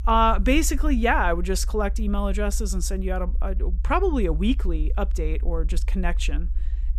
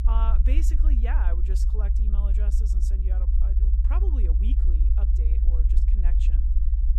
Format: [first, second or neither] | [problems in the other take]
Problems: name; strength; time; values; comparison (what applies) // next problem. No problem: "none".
first | low rumble; loud; throughout; 3 dB below the speech; faint in the first